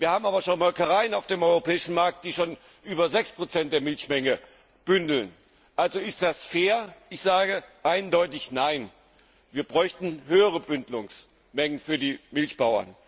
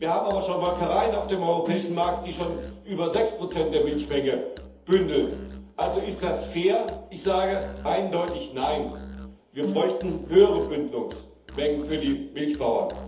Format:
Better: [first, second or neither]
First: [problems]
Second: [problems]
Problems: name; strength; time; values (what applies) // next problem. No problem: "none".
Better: first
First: none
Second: background sound (Musical instrument); 14 dB below the speech // room echo; dies away in 0.8 s